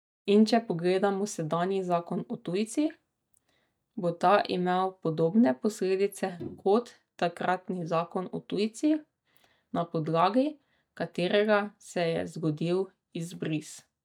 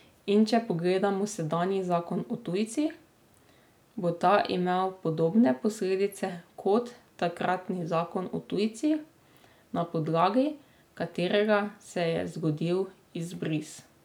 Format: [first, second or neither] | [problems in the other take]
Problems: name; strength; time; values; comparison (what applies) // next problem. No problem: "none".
second | noise reduction (neural mask model DeepFilterNet 3)